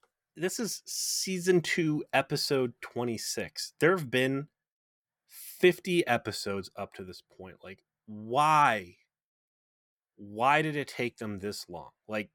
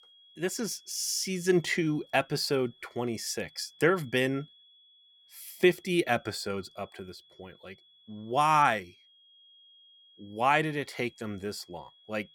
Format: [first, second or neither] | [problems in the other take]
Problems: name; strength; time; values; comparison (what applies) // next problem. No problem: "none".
first | high-pitched whine; faint; throughout; 3.5 kHz, 30 dB below the speech